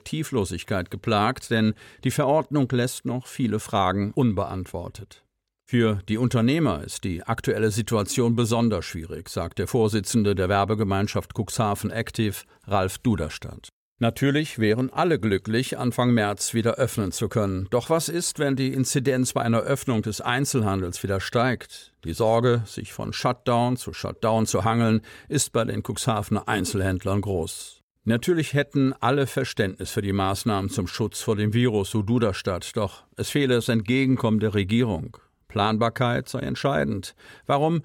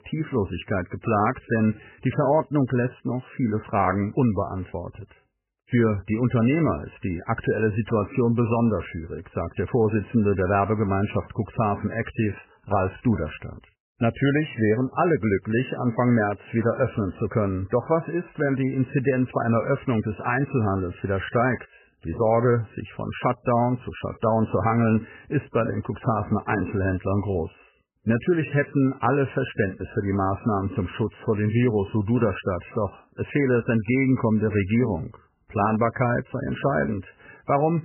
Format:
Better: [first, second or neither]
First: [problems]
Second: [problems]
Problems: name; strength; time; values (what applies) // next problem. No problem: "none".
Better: first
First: none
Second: garbled, watery; badly; nothing above 3 kHz